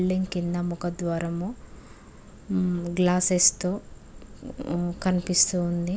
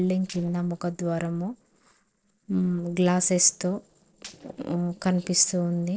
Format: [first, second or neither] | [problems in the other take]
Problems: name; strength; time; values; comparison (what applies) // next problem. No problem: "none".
first | noise reduction (neural separator model SepFormer DNS4)